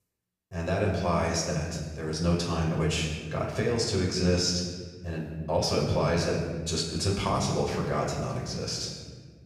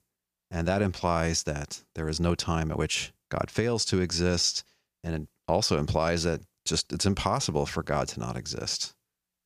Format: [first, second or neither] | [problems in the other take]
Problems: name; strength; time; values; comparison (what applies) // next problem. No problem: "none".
second | off-mic speech; far // room echo; noticeable; dies away in 1.5 s